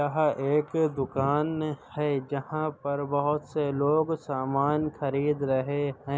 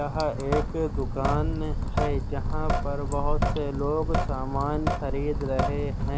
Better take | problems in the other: first | background sound (Drip / Sink (filling or washing)); 3 dB above the speech

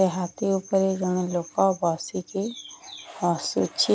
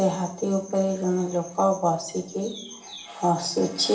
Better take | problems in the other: first | room echo; dies away in 0.8 s

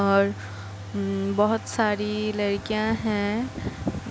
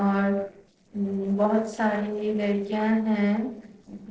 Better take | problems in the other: first | noise reduction (neural separator model SepFormer DNS4)

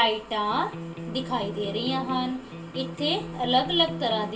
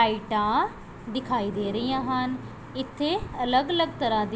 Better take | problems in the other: second | background sound (Electric guitar); 9 dB below the speech // room echo; dies away in 0.2 s

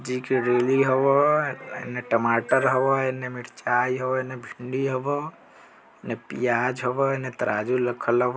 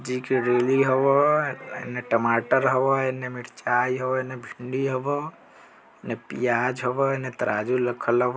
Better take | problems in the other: second | background sound (Glockenspiel); 19 dB below the speech

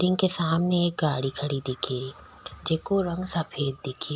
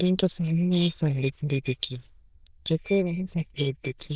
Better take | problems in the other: first | noise reduction (neural diffusion model UNIVERSE++)

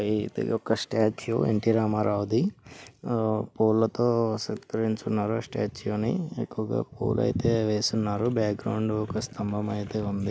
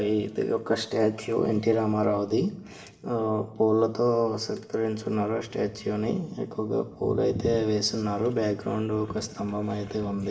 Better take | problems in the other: first | room echo; dies away in 0.8 s

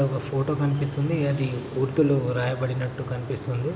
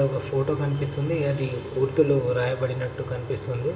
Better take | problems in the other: first | room echo; dies away in 0.4 s

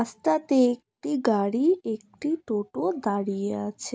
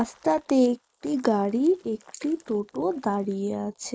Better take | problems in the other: first | noise reduction (neural mask model Resemble Enhance denoiser)

